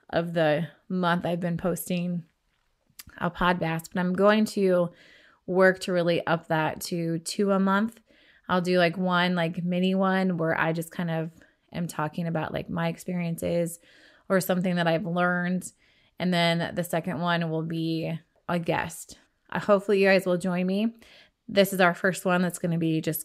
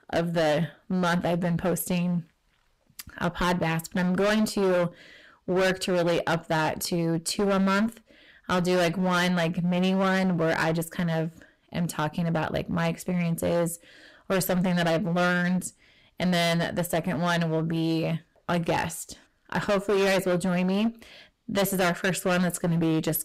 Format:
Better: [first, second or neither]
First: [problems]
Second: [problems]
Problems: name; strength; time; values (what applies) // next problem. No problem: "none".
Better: first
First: none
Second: distortion; heavy; 16% of the sound clipped